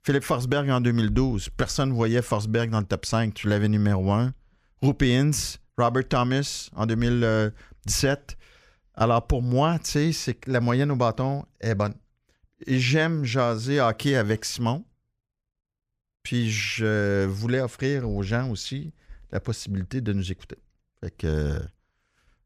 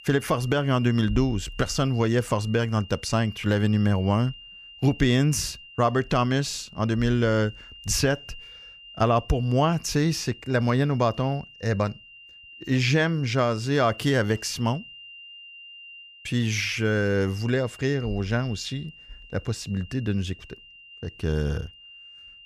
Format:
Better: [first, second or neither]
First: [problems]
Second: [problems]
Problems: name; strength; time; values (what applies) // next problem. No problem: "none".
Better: first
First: none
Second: high-pitched whine; noticeable; throughout; 3 kHz, 20 dB below the speech